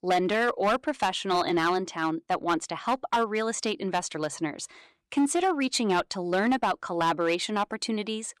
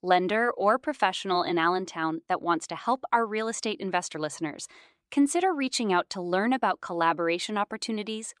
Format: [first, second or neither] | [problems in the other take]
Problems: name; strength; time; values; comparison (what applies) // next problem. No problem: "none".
second | distortion; slight; 6% of the sound clipped